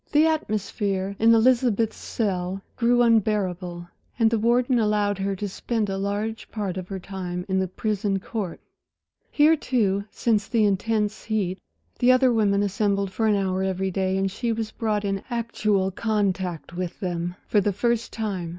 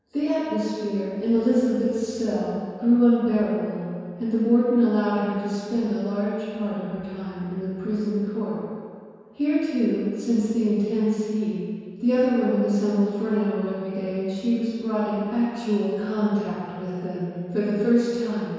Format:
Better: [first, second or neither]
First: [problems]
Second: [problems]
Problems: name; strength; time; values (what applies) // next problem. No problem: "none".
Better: first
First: none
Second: room echo; dies away in 1.9 s